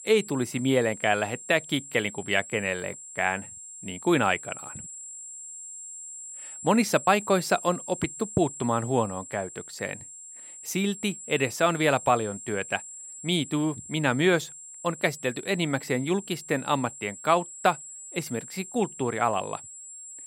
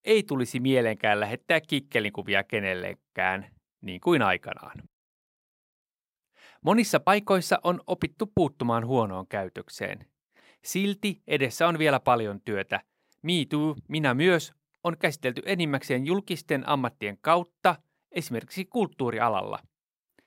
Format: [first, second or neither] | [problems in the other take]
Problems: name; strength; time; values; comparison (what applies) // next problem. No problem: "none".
second | high-pitched whine; noticeable; throughout; 7.5 kHz, 15 dB below the speech